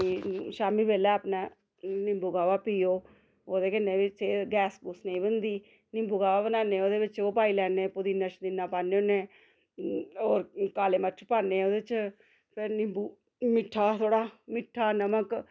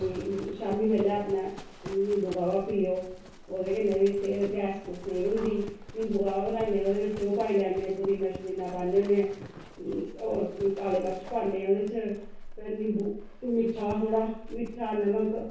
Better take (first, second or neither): first